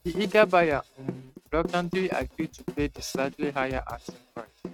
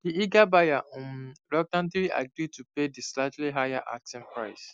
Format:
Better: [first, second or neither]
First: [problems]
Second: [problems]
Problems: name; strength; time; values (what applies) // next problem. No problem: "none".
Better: second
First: noise reduction (neural mask model RNNoise)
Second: none